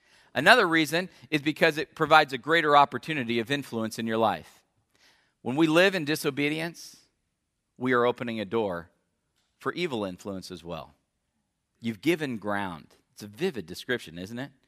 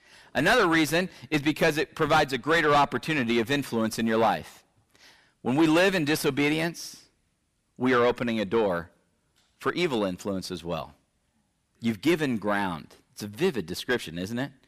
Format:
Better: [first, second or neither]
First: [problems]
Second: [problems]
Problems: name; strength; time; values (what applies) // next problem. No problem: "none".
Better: first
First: none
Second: distortion; heavy; 5 dB below the speech